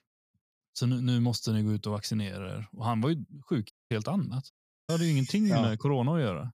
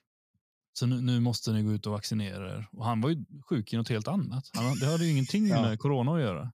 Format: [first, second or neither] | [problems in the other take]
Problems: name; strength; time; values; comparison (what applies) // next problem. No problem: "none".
second | audio cutting out; at 3.5 s and at 4.5 s